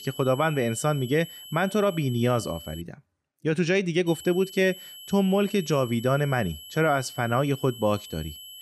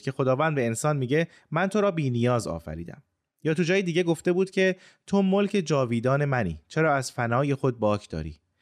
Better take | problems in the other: second | high-pitched whine; noticeable; until 3 s and from 4 s on; 3 kHz, 15 dB below the speech

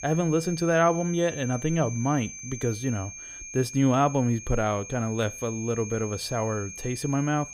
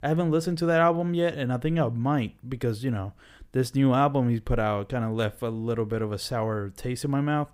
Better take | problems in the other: second | high-pitched whine; noticeable; throughout; 6.5 kHz, 10 dB below the speech

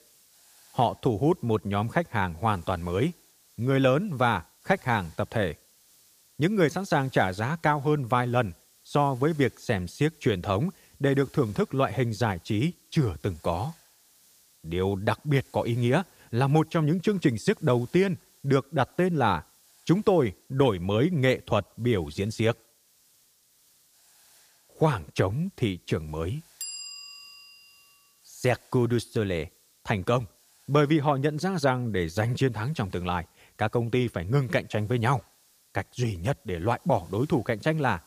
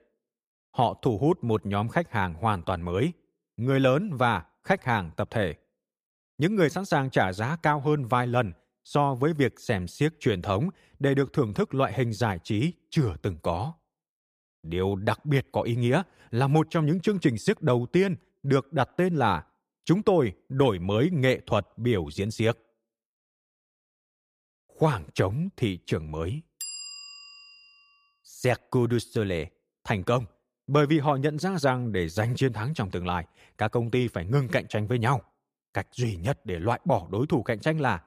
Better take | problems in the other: second | hiss; faint; throughout; 30 dB below the speech

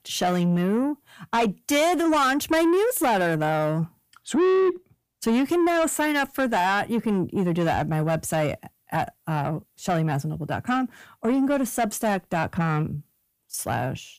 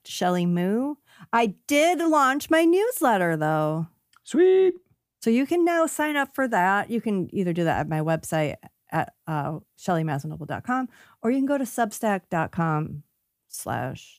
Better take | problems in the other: second | distortion; slight; 10 dB below the speech

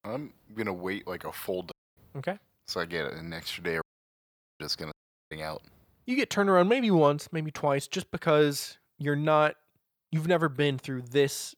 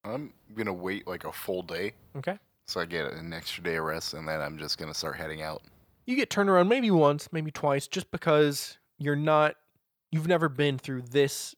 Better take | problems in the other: second | audio cutting out; at 1.5 s, at 4 s for 1 s and at 5 s

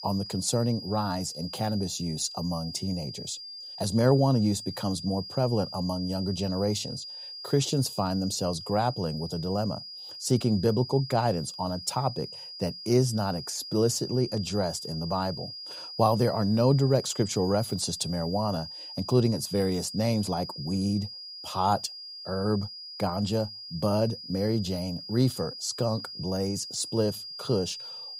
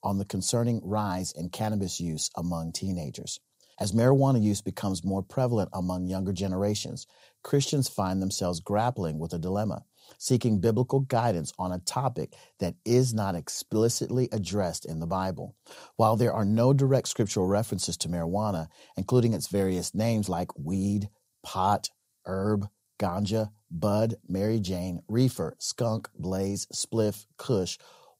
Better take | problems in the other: second | high-pitched whine; loud; throughout; 5 kHz, 10 dB below the speech

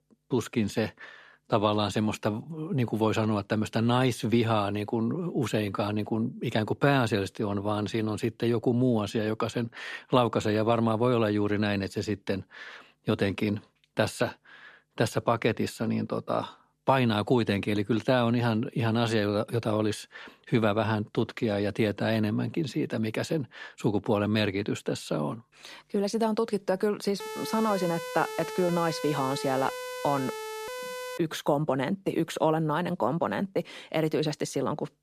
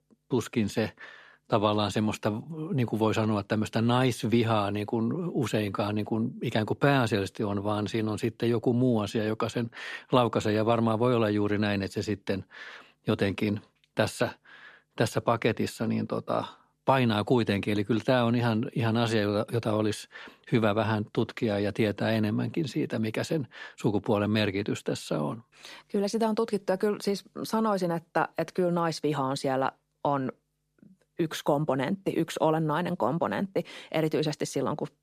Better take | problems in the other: second | siren; noticeable; from 27 to 31 s; peak 8 dB below the speech

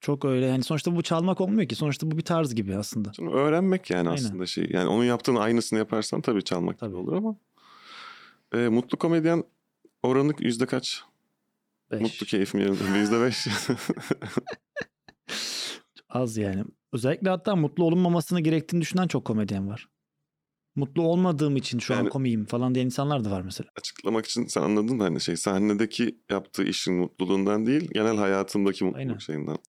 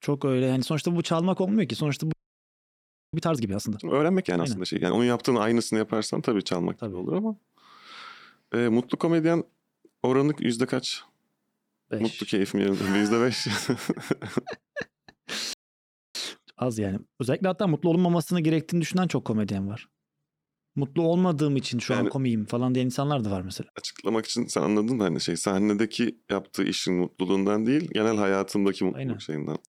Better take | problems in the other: first | audio freezing; at 2 s for 1 s and at 16 s for 0.5 s

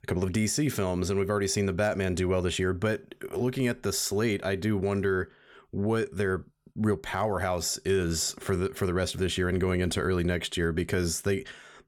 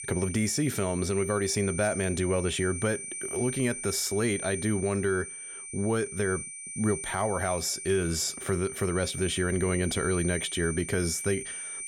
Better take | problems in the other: first | high-pitched whine; loud; throughout; 9 kHz, 7 dB below the speech

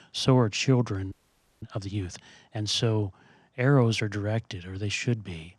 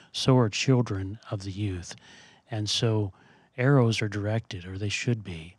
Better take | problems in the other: second | audio freezing; at 1 s for 0.5 s

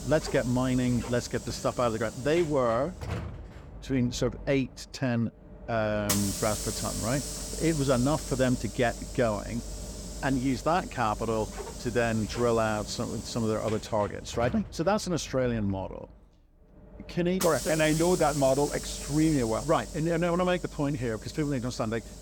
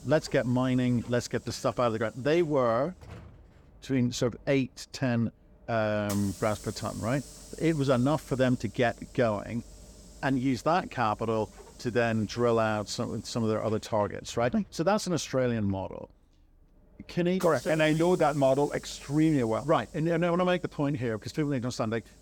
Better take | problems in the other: second | hiss; loud; throughout; 9 dB below the speech; faint in the second

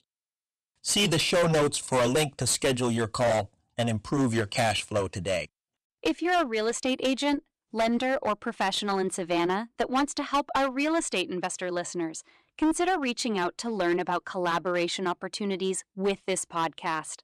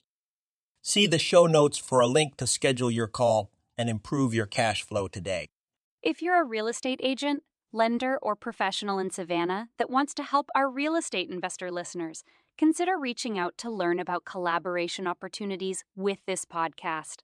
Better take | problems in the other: second | distortion; heavy; 10% of the sound clipped

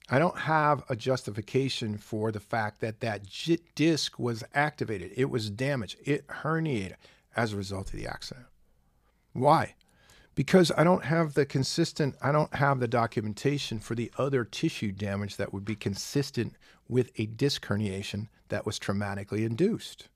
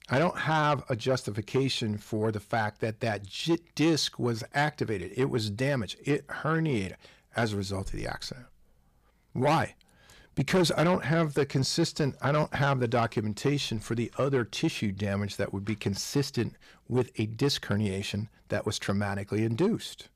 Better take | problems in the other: first | distortion; slight; 10 dB below the speech

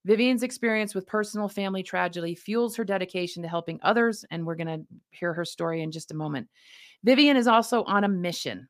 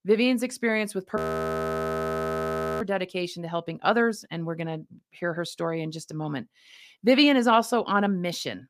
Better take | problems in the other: first | audio freezing; at 1 s for 1.5 s

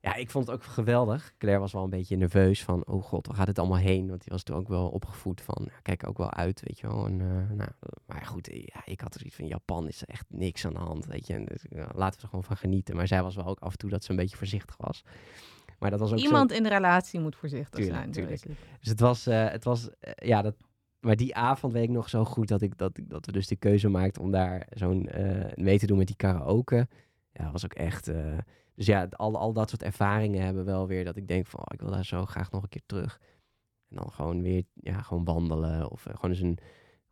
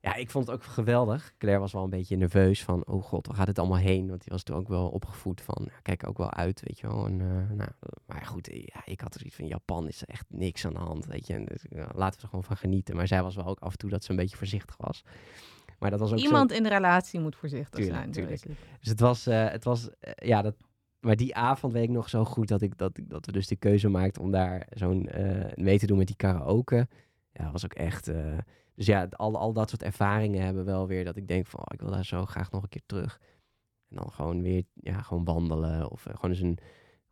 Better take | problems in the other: neither | none

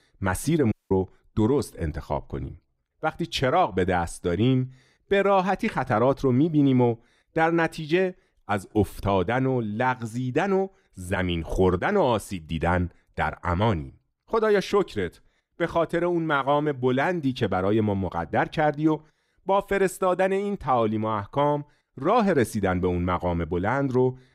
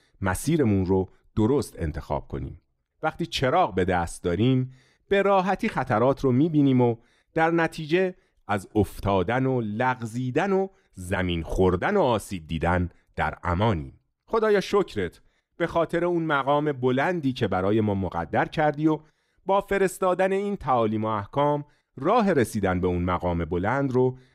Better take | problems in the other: second | audio cutting out; at 0.5 s

